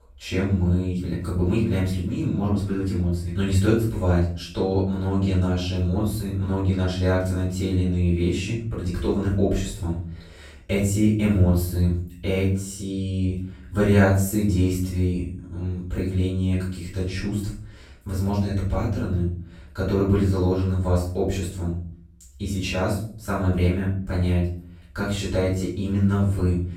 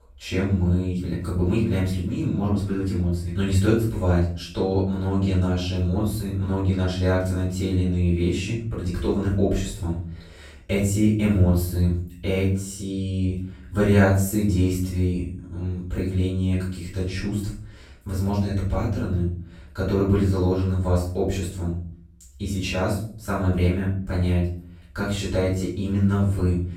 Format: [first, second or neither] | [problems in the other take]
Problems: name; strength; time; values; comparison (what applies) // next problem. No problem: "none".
neither | off-mic speech; far; the same in both // room echo; noticeable; dies away in 0.5 s; the same in both